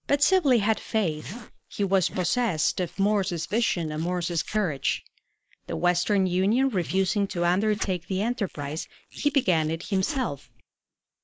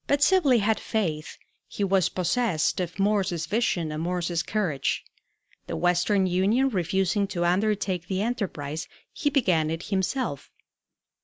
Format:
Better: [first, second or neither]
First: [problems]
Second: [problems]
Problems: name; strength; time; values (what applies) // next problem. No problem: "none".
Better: second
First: noise reduction (neural mask model Resemble Enhance denoiser)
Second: none